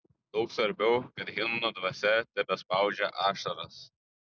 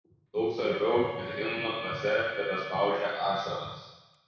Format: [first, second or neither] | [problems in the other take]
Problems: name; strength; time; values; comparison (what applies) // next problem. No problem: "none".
first | background sound (Wind instrument, woodwind instrument); 12 dB below the speech // room echo; dies away in 1.1 s